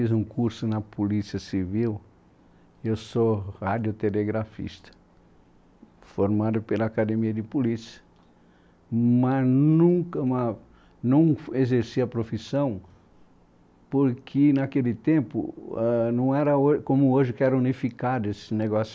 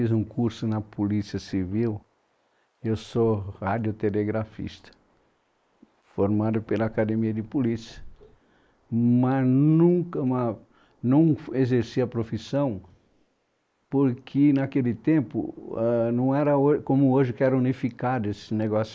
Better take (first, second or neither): first